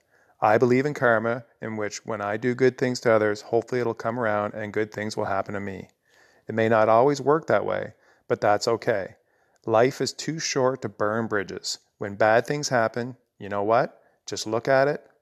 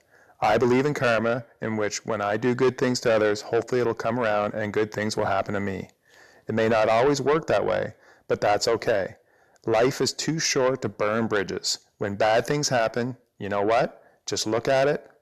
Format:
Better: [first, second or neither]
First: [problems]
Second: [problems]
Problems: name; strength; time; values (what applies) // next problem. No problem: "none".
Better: first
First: none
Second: distortion; heavy; 7 dB below the speech